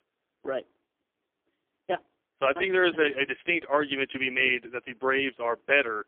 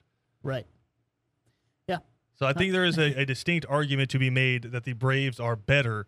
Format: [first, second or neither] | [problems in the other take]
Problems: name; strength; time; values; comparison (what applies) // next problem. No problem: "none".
second | phone-call audio; poor line; nothing above 3.5 kHz